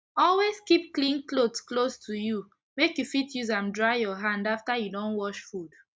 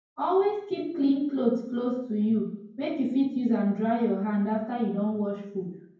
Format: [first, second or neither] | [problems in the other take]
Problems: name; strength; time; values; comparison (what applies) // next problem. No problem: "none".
first | room echo; dies away in 0.9 s